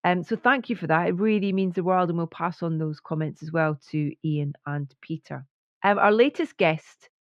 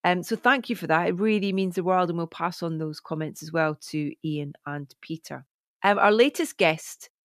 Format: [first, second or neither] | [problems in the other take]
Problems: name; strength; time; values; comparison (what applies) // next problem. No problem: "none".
second | muffled; slightly; fading above 2.5 kHz